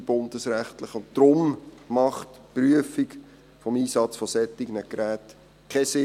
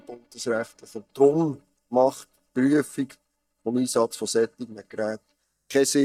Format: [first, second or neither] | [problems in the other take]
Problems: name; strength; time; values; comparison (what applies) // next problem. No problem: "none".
first | noise reduction (neural mask model DeepFilterNet 3)